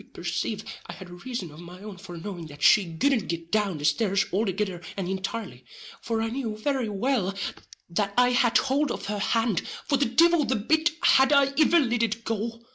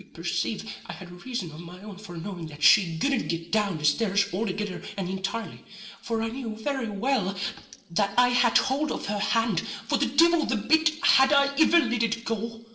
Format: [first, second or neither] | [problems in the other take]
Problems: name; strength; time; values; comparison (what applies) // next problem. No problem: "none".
first | room echo; dies away in 0.8 s